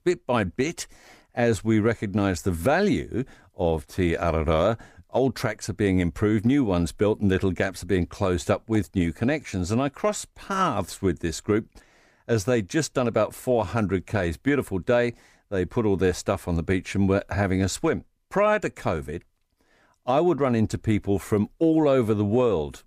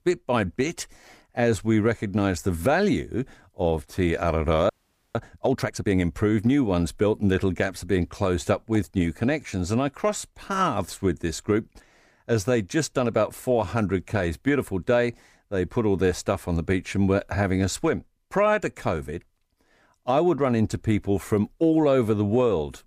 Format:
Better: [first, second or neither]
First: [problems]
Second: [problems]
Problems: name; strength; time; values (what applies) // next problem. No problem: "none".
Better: first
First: none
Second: audio freezing; at 4.5 s